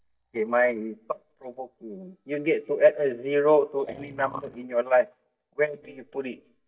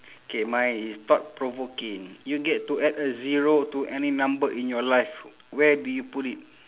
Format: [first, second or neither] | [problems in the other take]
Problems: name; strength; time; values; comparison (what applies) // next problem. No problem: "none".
second | noise reduction (neural mask model DeepFilterNet 3)